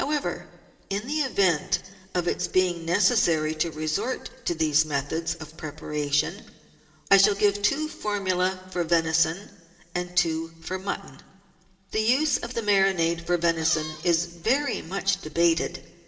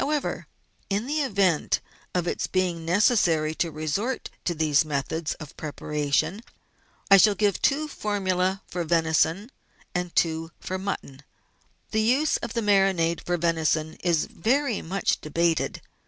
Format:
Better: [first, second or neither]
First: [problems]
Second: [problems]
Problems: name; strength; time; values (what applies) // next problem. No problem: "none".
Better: second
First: background sound (Squeak); 11 dB below the speech // room echo; dies away in 2.2 s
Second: none